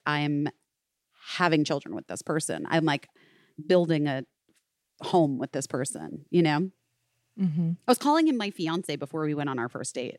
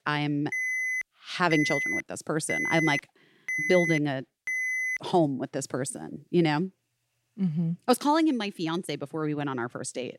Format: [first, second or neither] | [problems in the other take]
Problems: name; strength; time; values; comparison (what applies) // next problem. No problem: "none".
first | alarm; loud; from 0.5 to 5 s; peak 1 dB above the speech